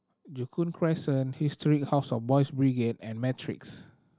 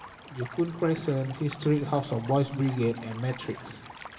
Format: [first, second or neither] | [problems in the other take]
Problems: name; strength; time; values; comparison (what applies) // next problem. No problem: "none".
first | background sound (Stream); 16 dB below the speech // room echo; dies away in 0.9 s